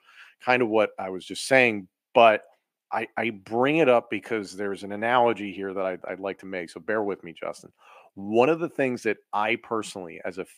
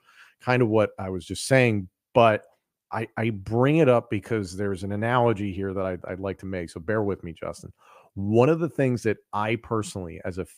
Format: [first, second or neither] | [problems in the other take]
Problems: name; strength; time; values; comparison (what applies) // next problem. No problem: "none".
second | thin; somewhat; fading below 250 Hz